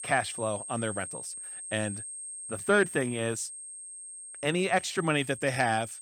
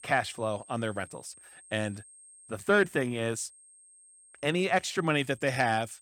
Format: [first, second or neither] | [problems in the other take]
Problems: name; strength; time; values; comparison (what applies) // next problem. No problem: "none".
second | high-pitched whine; loud; throughout; 8.5 kHz, 9 dB below the speech; faint in the second